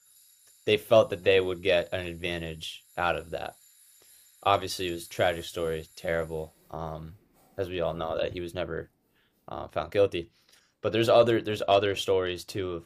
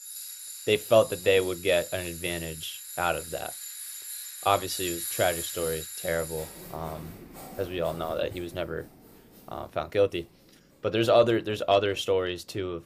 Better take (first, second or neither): first